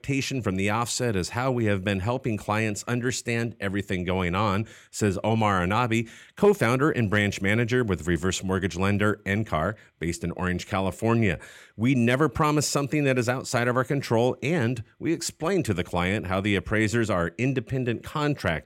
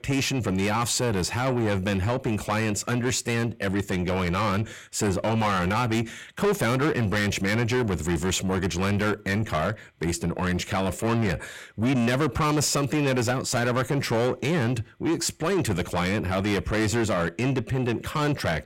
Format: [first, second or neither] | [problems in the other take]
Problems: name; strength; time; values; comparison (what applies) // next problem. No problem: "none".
first | distortion; heavy; 7 dB below the speech